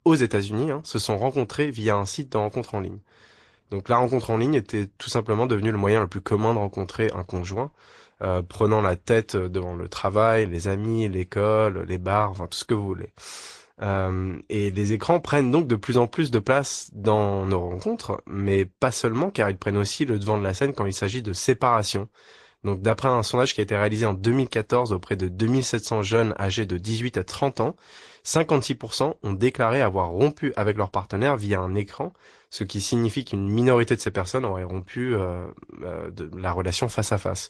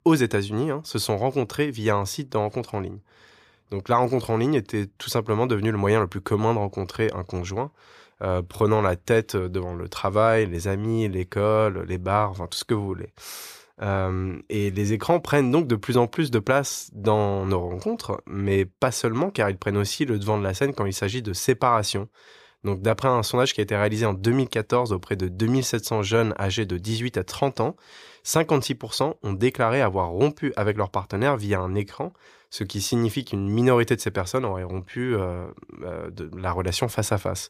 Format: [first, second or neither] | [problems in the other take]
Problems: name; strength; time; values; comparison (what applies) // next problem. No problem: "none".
second | garbled, watery; slightly